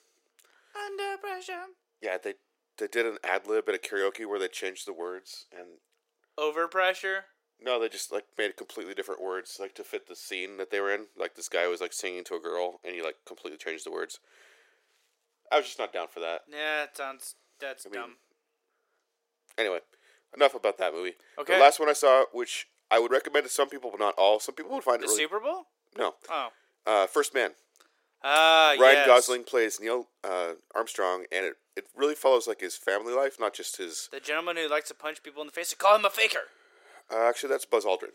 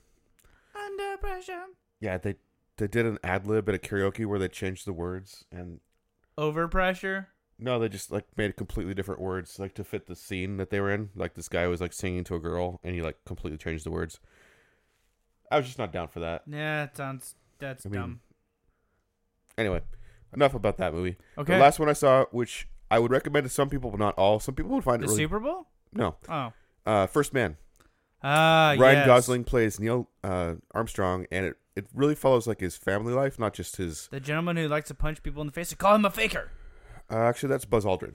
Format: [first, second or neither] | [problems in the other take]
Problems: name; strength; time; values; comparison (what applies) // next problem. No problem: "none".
second | thin; very; fading below 350 Hz